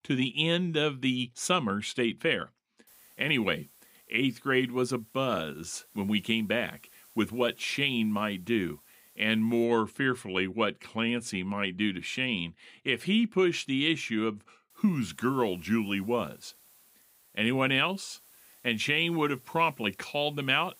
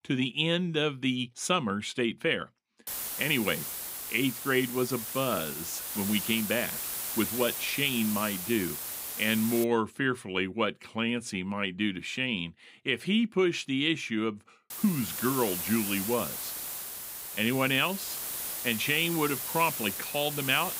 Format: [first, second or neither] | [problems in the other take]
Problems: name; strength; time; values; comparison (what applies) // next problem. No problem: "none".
first | hiss; loud; from 3 to 9.5 s and from 15 s on; 4 dB below the speech; faint in the first